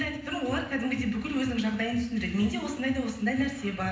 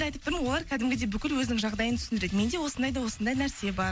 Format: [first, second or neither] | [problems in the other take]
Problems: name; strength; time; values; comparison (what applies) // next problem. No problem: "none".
second | room echo; dies away in 0.8 s